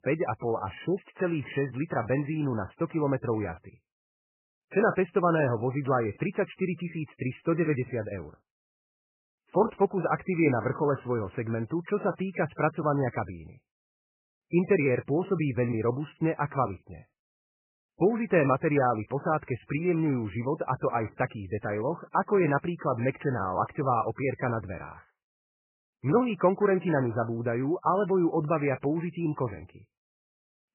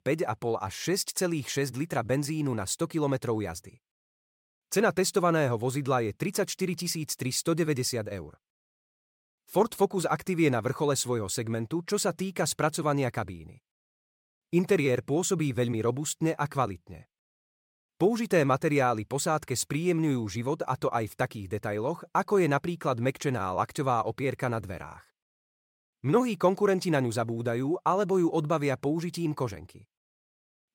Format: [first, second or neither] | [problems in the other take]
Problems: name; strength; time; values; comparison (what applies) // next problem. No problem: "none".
second | garbled, watery; badly; nothing above 2.5 kHz